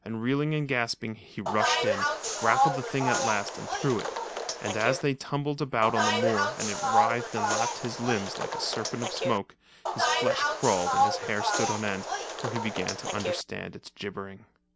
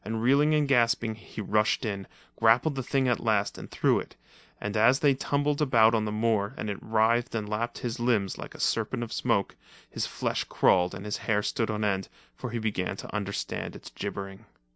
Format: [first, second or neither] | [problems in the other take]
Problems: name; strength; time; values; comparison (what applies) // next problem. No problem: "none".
second | background sound (Bus); 2 dB above the speech